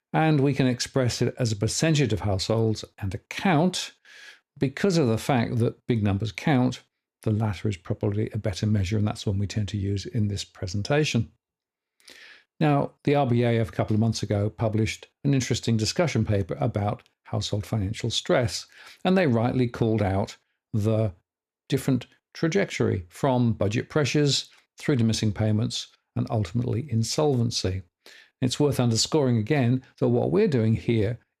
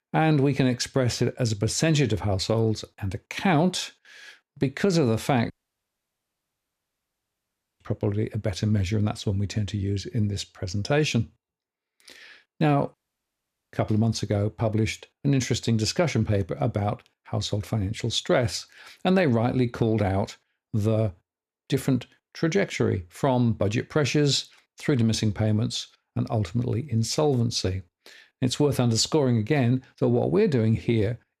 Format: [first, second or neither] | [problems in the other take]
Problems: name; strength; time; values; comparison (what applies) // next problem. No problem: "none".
first | audio cutting out; at 5.5 s for 2.5 s and at 13 s for 1 s